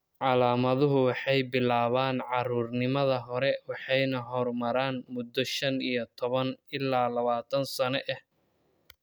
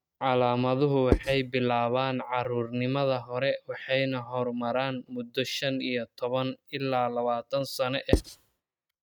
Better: first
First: none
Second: noise reduction (neural mask model RNNoise)

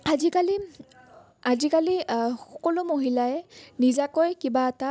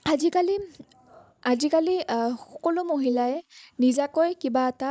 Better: first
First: none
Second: noise reduction (neural mask model Resemble Enhance denoiser)

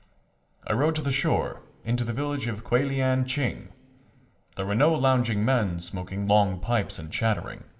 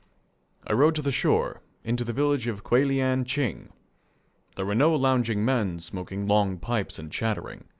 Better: second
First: room echo; dies away in 0.7 s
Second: none

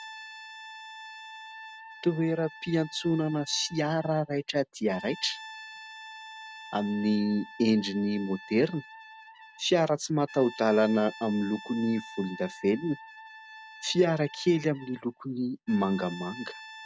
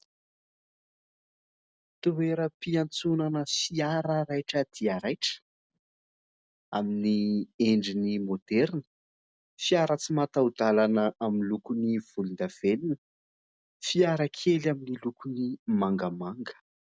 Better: second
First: background sound (Brass instrument); 17 dB below the speech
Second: none

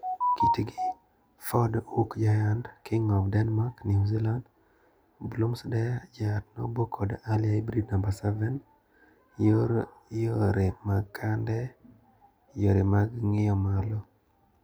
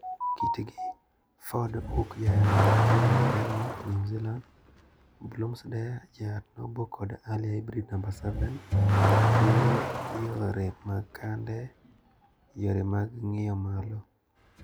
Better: first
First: none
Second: background sound (Accelerating, revving, vroom / Car); 3 dB above the speech

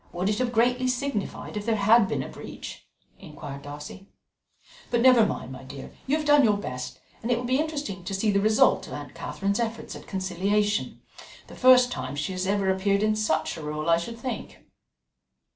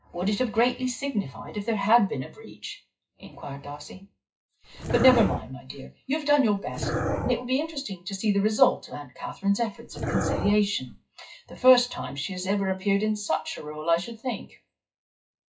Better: first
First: none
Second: noise reduction (classical method WPE with log-MMSE)

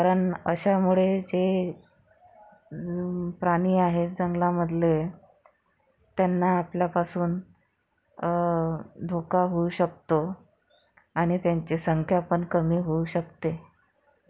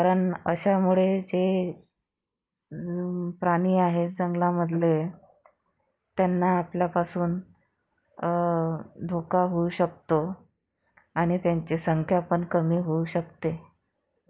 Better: first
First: none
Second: noise reduction (neural mask model Resemble Enhance denoiser)

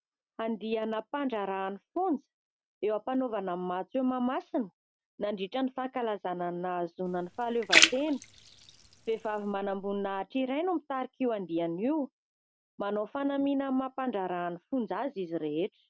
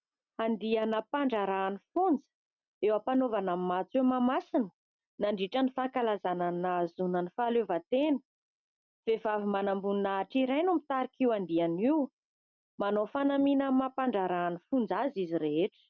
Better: second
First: background sound (Splash, splatter); 2 dB above the speech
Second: none

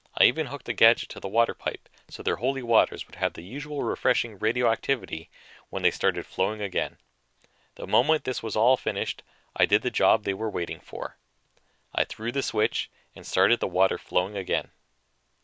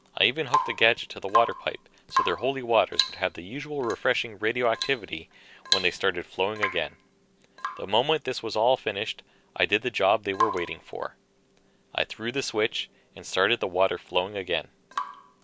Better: first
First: none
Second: background sound (Drip / Water tap, faucet / Rain); 7 dB below the speech

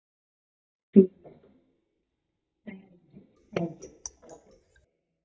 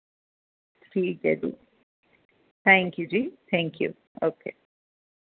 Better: second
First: noise reduction (neural mask model DeepFilterNet 3)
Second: none

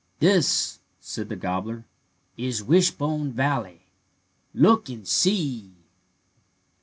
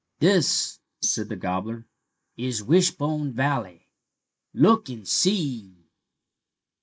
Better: first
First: none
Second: noise reduction (neural mask model Resemble Enhance denoiser)

